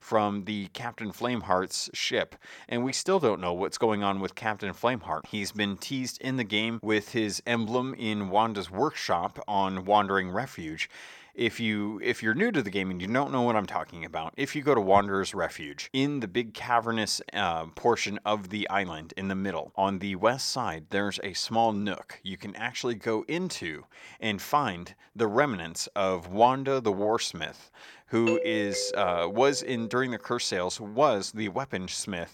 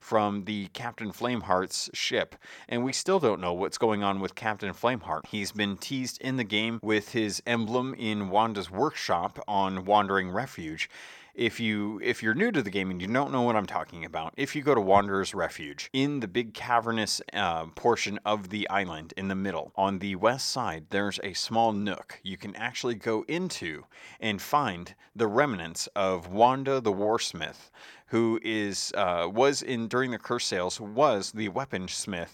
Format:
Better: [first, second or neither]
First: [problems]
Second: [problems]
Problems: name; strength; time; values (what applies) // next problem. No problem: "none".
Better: second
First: doorbell; noticeable; from 28 to 30 s; peak 1 dB below the speech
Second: none